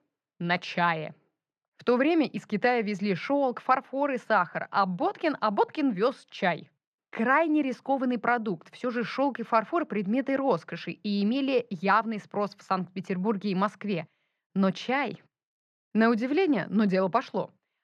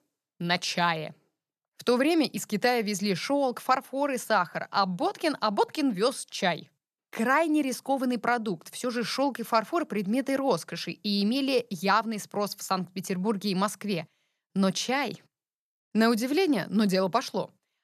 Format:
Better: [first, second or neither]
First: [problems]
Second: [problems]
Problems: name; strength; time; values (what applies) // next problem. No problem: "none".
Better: second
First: muffled; slightly; fading above 2 kHz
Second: none